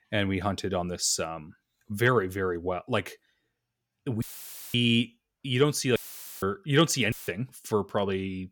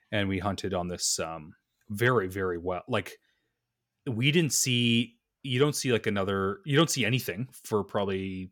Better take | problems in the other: second | audio cutting out; filled with static; at 4 s for 0.5 s, at 6 s and at 7 s

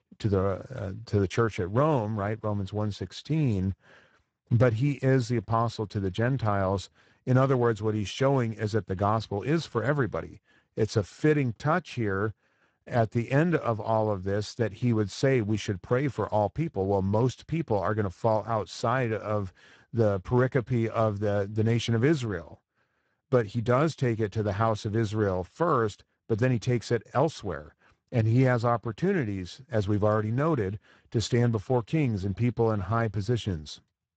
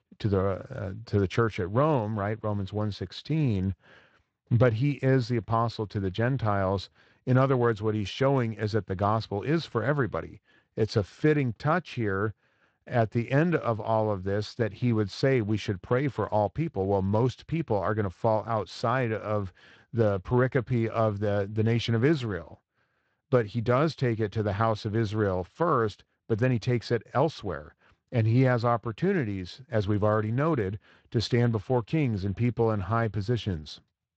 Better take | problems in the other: second | garbled, watery; badly; nothing above 8 kHz; slightly in the second

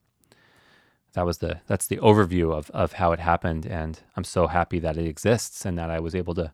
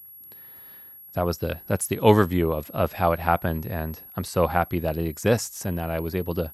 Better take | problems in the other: first | high-pitched whine; noticeable; throughout; 11.5 kHz, 15 dB below the speech

